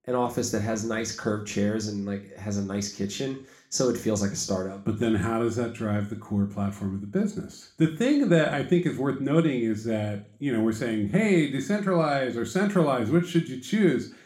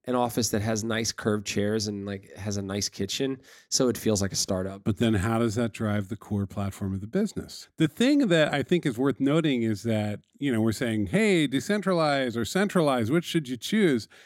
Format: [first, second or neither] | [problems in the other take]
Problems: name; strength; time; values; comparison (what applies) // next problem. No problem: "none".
second | room echo; very slight; dies away in 0.4 s // off-mic speech; somewhat distant